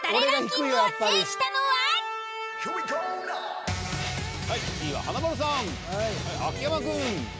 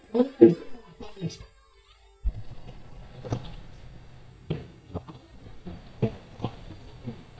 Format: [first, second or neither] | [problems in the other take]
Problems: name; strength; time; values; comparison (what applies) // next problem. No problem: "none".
first | noise reduction (neural mask model DeepFilterNet 3)